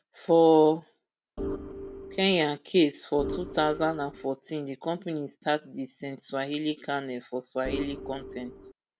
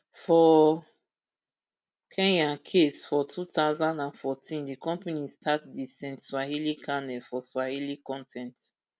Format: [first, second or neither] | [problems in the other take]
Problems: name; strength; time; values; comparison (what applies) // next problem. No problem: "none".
second | background sound (Organ); 9 dB below the speech